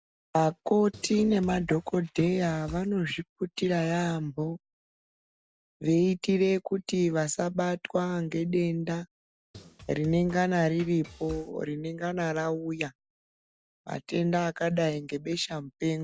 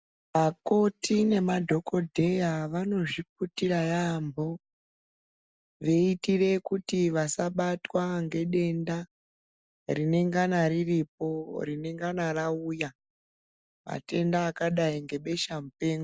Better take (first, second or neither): second